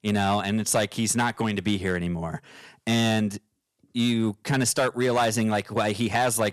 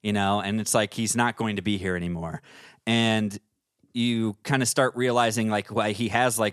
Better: second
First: distortion; slight; 4% of the sound clipped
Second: none

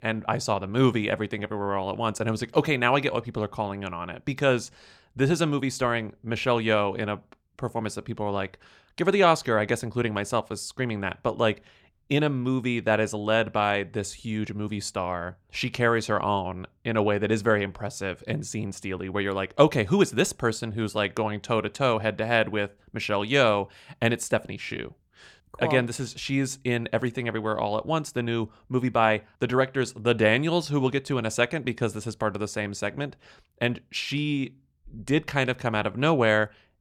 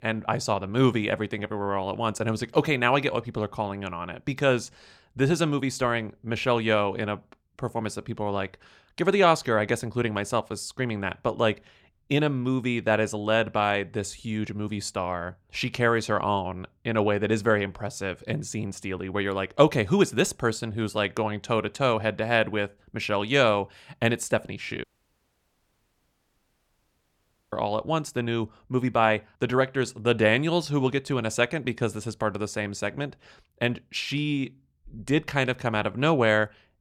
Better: first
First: none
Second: audio cutting out; at 25 s for 2.5 s

